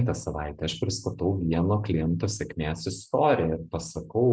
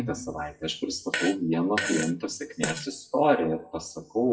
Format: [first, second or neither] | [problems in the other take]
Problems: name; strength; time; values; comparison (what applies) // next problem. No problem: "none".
first | noise reduction (classical method WPE with log-MMSE)